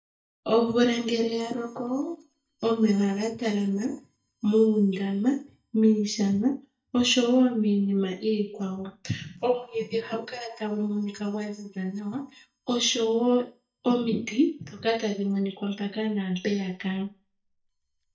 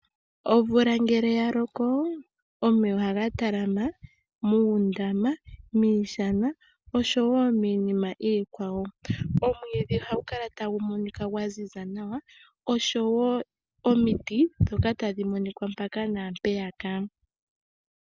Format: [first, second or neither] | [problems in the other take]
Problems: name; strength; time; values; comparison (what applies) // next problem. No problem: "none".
second | noise reduction (neural mask model DeepFilterNet 3)